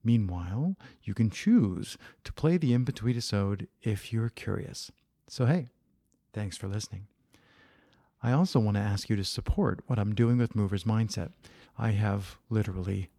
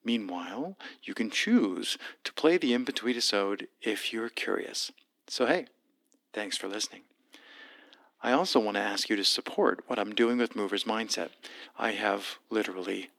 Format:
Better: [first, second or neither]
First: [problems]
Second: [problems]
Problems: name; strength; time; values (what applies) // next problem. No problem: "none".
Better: first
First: none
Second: thin; somewhat; fading below 300 Hz